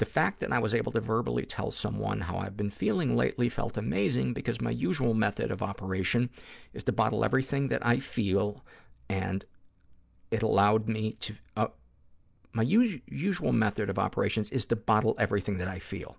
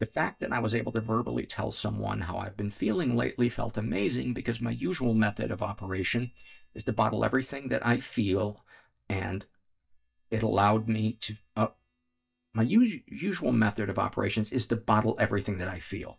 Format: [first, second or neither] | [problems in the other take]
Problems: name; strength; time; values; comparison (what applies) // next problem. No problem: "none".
first | noise reduction (neural mask model DeepFilterNet 3)